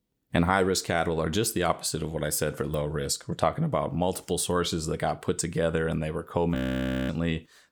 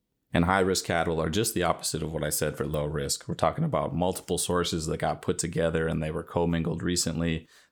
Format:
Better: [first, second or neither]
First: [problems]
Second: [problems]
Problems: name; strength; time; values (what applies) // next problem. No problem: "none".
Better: second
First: audio freezing; at 6.5 s for 0.5 s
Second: none